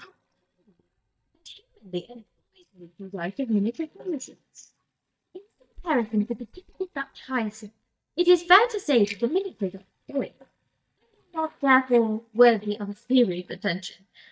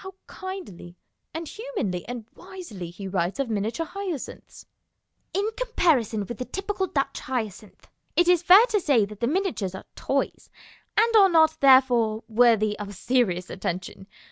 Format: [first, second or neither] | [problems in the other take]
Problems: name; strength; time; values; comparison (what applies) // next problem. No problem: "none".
second | noise reduction (neural mask model DeepFilterNet 3)